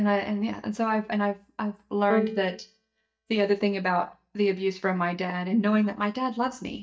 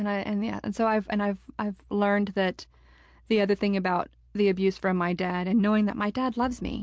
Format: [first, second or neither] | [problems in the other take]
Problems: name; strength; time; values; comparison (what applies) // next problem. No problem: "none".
second | noise reduction (neural mask model DeepFilterNet 3)